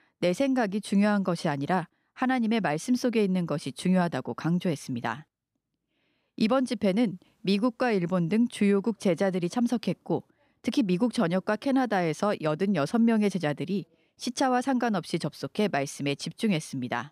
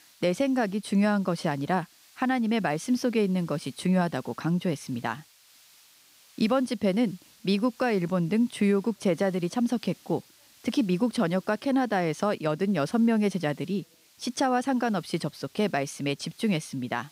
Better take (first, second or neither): first